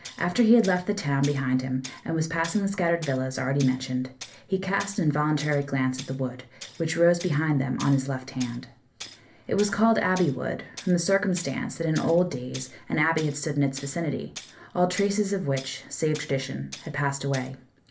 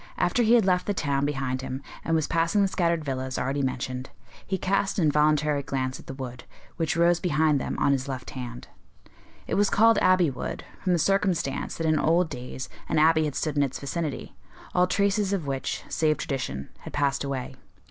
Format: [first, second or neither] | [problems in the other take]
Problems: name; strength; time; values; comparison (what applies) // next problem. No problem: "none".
second | background sound (Tools); 20 dB below the speech // room echo; dies away in 0.3 s